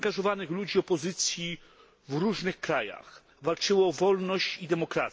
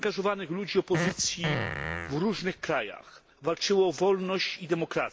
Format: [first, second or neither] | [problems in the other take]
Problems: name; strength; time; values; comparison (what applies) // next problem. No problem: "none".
first | background sound (Fart); 4 dB below the speech